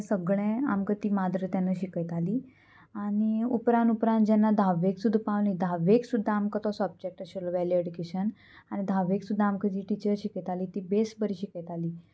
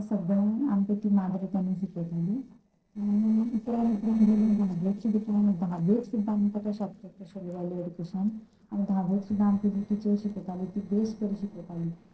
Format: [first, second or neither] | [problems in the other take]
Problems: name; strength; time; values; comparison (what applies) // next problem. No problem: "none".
first | noise reduction (neural separator model SepFormer DNS4)